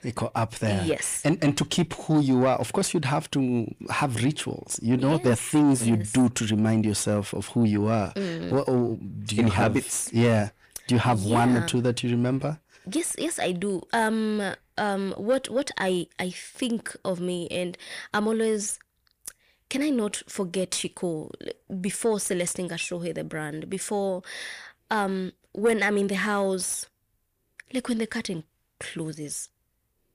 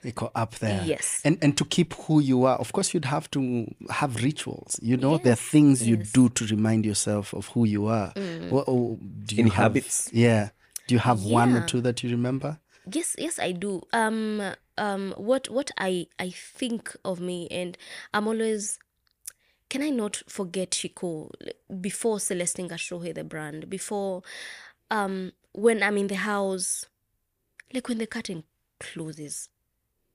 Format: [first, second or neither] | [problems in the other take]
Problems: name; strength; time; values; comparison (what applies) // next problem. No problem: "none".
second | distortion; slight; 10 dB below the speech